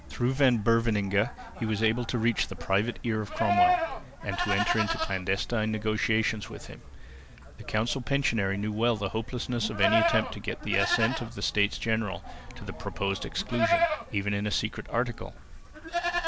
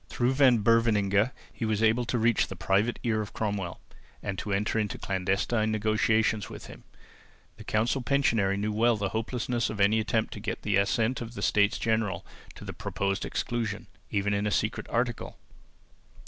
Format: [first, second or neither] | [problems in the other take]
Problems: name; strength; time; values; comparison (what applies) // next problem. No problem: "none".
second | background sound (Livestock, farm animals, working animals); 4 dB below the speech